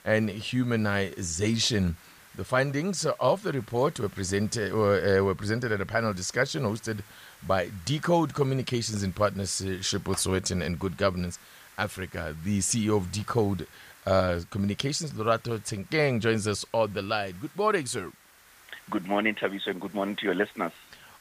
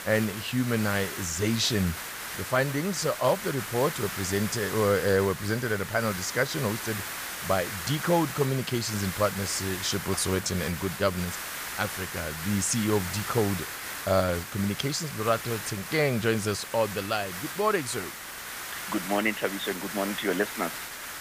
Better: first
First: hiss; faint; throughout; 25 dB below the speech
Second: hiss; loud; throughout; 7 dB below the speech

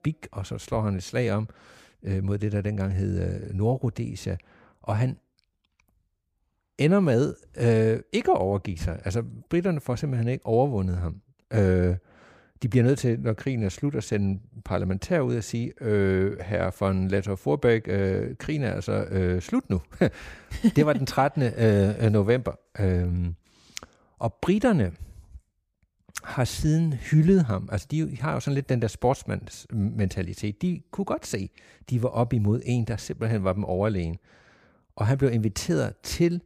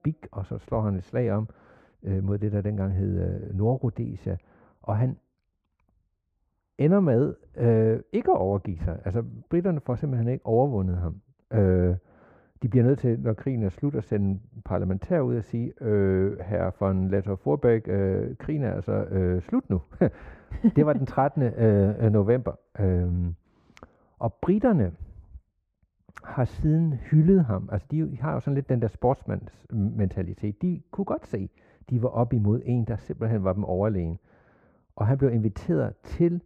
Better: first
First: none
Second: muffled; very; fading above 2.5 kHz

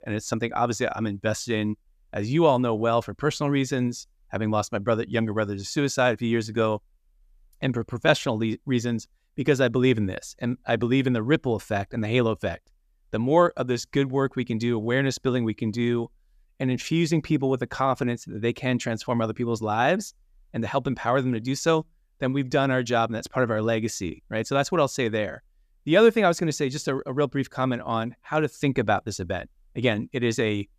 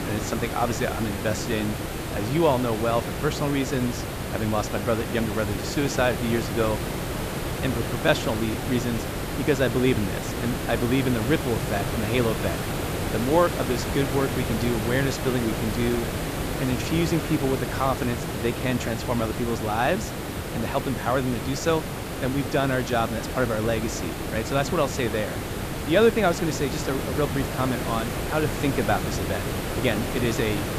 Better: first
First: none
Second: hiss; loud; throughout; 3 dB below the speech

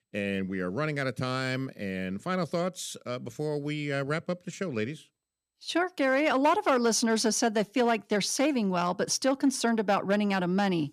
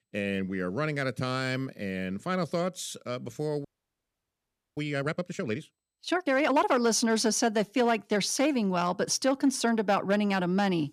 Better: first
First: none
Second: audio freezing; at 3.5 s for 1 s

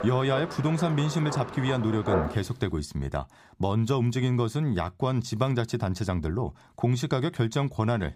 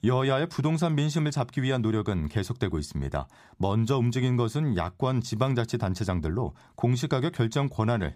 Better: second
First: rain or running water; loud; until 2.5 s; 7 dB below the speech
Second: none

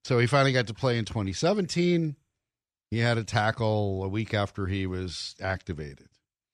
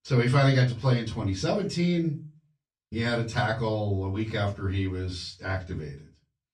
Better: first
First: none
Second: off-mic speech; far // room echo; very slight; dies away in 0.2 s

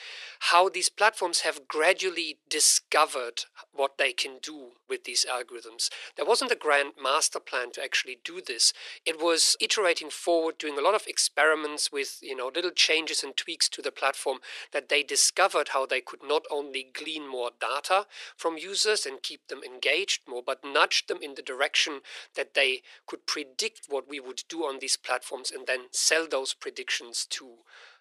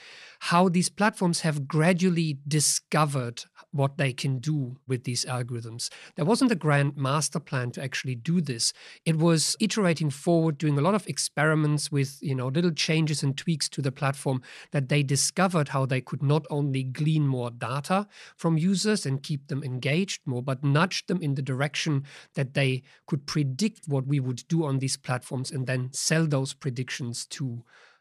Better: second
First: thin; very; fading below 400 Hz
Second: none

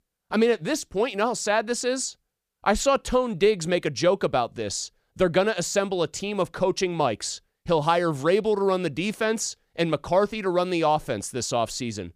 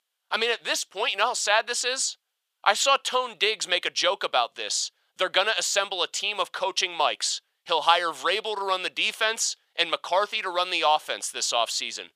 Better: first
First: none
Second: thin; very; fading below 900 Hz

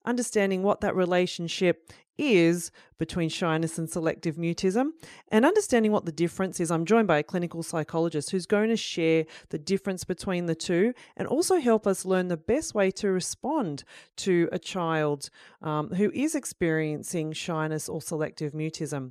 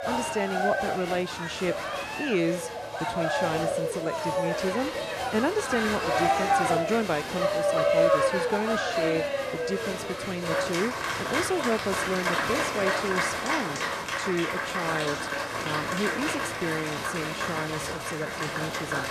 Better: first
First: none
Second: crowd noise; very loud; throughout; 3 dB above the speech

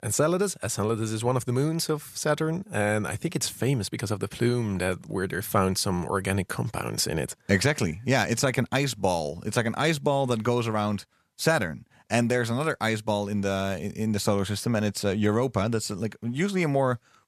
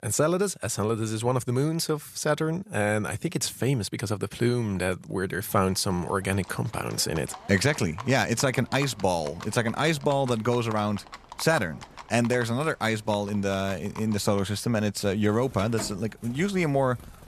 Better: first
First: none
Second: animal sounds; noticeable; from 5.5 s on; 15 dB below the speech

